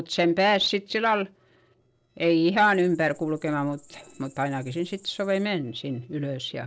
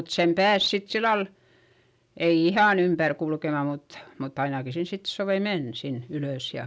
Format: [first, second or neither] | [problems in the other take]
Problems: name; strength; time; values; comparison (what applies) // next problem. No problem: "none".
second | noise reduction (neural separator model SepFormer DNS4)